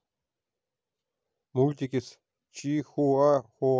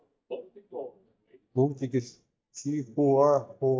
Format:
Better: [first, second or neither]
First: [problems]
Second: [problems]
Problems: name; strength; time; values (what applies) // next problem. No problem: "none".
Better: first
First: none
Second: noise reduction (neural mask model DeepFilterNet 3)